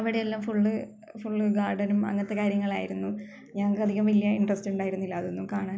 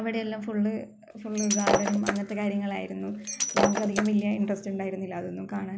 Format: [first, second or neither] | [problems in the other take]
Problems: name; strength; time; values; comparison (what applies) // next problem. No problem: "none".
first | background sound (Shatter); 1 dB below the speech